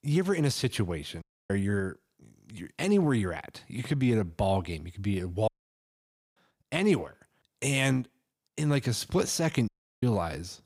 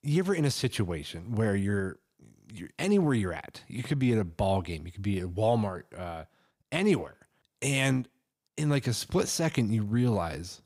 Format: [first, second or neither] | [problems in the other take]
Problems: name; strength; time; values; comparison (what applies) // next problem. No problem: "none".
second | audio cutting out; at 1 s, at 5.5 s for 1 s and at 9.5 s